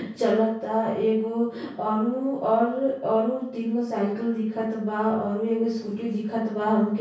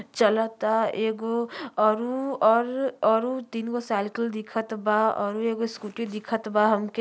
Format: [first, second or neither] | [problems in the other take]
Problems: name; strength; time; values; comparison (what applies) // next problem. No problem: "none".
second | room echo; dies away in 0.6 s